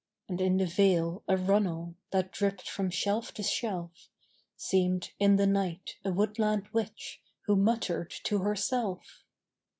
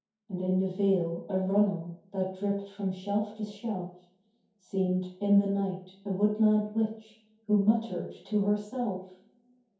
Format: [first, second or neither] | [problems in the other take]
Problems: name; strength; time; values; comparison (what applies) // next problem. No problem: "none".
first | room echo; dies away in 0.6 s